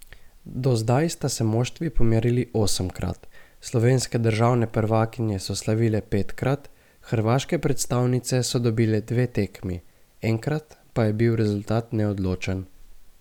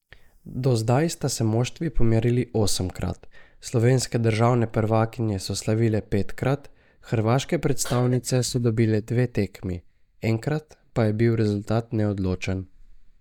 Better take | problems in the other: first | noise reduction (neural mask model DeepFilterNet 3)

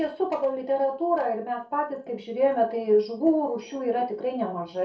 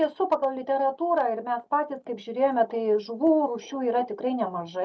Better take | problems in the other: second | room echo; dies away in 0.3 s

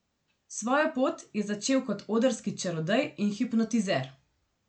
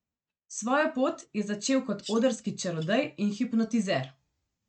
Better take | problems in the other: first | noise reduction (neural mask model RNNoise)

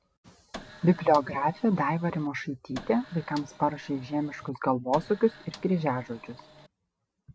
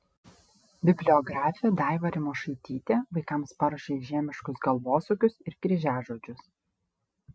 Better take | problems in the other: second | background sound (Printer); 19 dB below the speech

